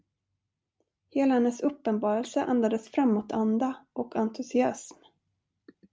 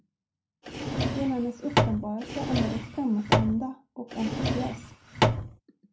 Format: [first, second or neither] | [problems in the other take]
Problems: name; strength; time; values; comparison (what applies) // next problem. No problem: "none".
first | background sound (Drawer open or close); 4 dB above the speech // room echo; dies away in 0.2 s